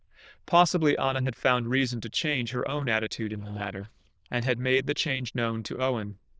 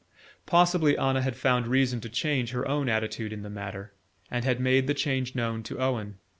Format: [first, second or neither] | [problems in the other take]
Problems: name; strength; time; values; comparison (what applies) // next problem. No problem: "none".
second | noise reduction (neural diffusion model UNIVERSE++)